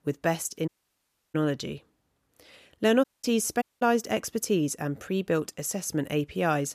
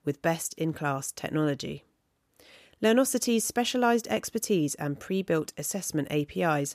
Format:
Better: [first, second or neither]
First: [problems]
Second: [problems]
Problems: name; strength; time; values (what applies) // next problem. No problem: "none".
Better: second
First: audio cutting out; at 0.5 s for 0.5 s, at 3 s and at 3.5 s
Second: none